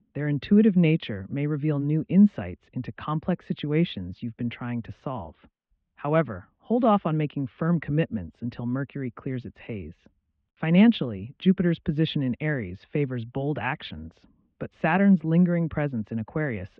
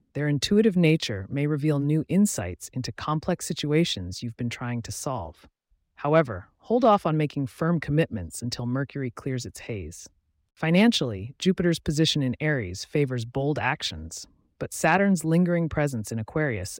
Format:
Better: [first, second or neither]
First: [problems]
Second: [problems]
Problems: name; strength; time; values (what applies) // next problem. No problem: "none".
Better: second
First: muffled; very; fading above 3 kHz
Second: none